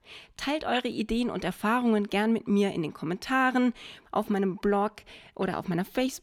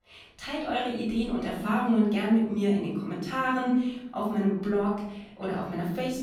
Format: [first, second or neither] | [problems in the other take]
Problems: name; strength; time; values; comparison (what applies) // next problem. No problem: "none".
first | off-mic speech; far // room echo; noticeable; dies away in 0.9 s